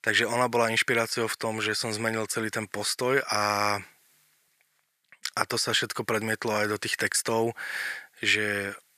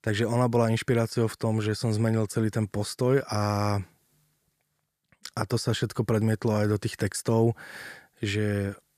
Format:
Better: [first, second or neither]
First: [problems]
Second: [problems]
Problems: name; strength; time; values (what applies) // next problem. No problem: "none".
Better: second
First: thin; somewhat; fading below 1 kHz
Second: none